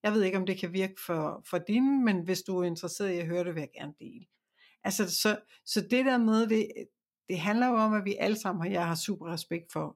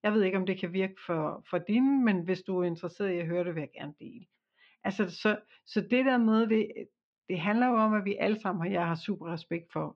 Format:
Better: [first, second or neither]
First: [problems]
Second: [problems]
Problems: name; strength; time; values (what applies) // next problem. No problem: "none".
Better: first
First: none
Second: muffled; slightly; fading above 3.5 kHz